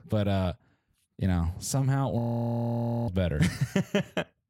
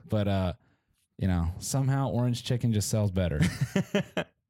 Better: second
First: audio freezing; at 2 s for 1 s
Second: none

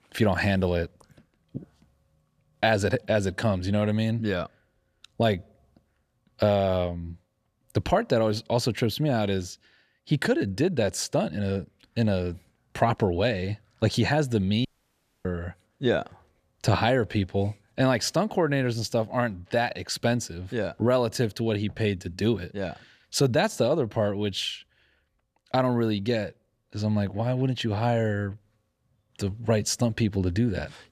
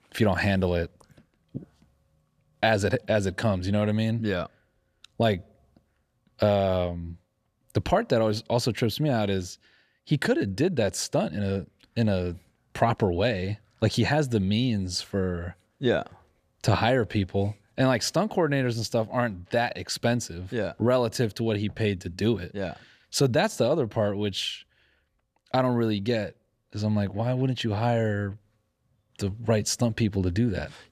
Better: second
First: audio cutting out; at 15 s for 0.5 s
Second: none

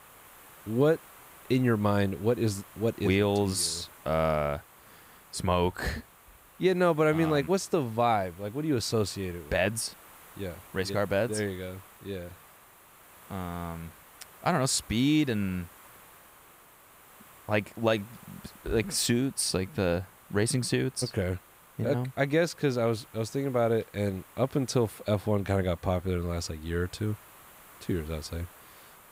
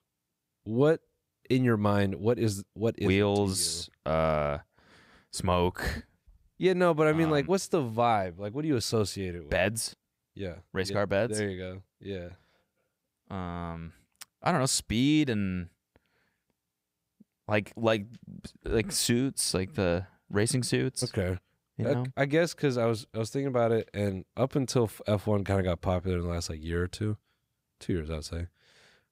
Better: second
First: hiss; faint; throughout; 25 dB below the speech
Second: none

